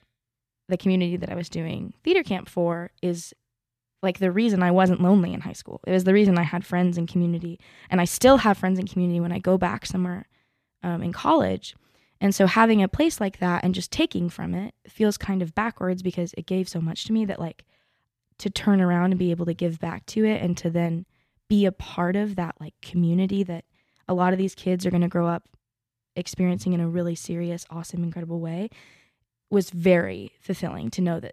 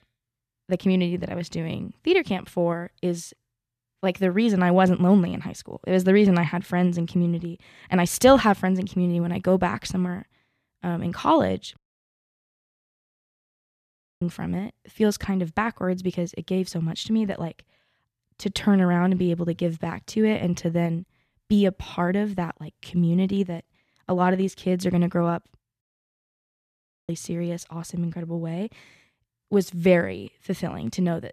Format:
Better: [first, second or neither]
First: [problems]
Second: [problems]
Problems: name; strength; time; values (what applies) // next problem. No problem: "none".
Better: first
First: none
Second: audio cutting out; at 12 s for 2.5 s and at 26 s for 1.5 s